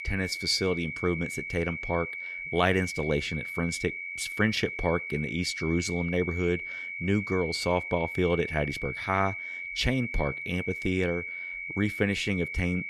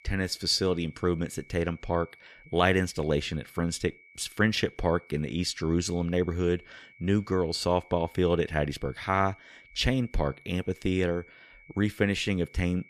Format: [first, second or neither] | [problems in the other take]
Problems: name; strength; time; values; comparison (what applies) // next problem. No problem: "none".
second | high-pitched whine; loud; throughout; 2.5 kHz, 5 dB below the speech; faint in the second